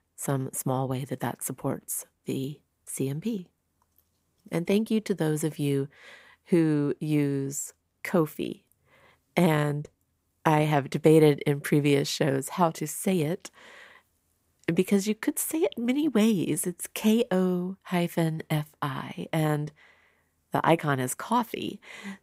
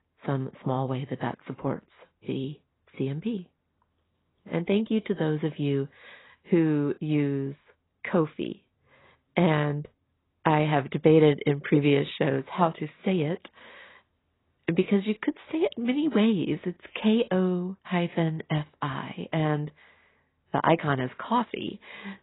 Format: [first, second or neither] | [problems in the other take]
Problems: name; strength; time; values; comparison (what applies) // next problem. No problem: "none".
first | garbled, watery; badly; nothing above 4 kHz